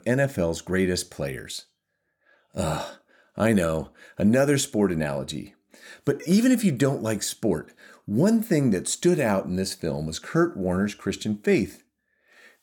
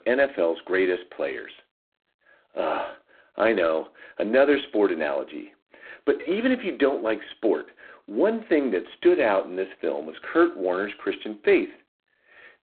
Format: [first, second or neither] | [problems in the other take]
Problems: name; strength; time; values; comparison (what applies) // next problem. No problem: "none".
first | phone-call audio; poor line; nothing above 4 kHz